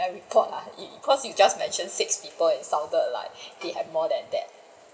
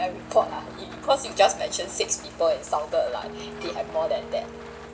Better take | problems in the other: first | background sound (Rain + Piano); 14 dB below the speech

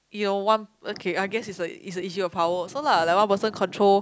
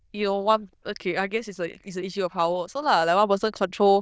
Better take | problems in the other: first | noise reduction (neural diffusion model UNIVERSE++)

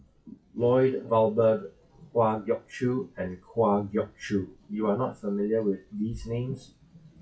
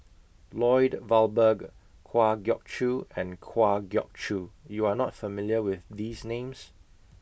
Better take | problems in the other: second | noise reduction (classical method WPE with log-MMSE)

